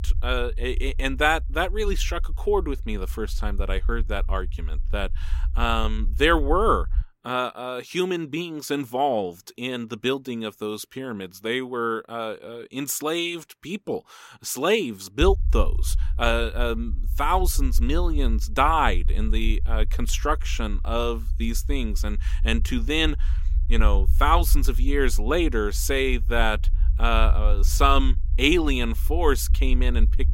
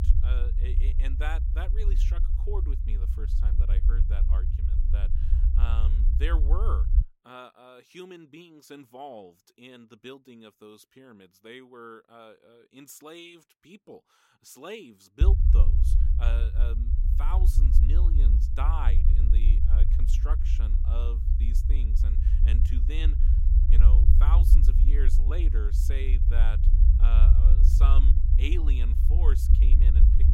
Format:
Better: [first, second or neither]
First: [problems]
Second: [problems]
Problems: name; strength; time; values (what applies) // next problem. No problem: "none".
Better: first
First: low rumble; faint; until 7 s and from 15 s on; 25 dB below the speech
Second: low rumble; loud; until 7 s and from 15 s on; 3 dB below the speech